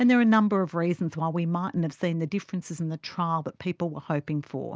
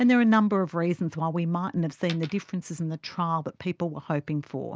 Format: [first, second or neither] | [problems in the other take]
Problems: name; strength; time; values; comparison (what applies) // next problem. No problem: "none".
first | background sound (Coin (dropping)); 20 dB below the speech